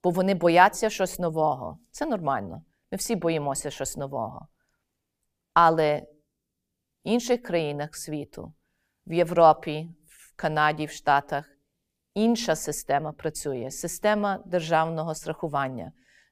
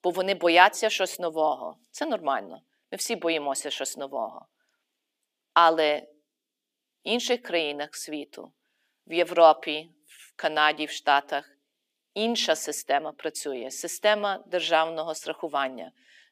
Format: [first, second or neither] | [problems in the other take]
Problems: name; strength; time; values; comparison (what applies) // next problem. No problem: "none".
first | thin; somewhat; fading below 300 Hz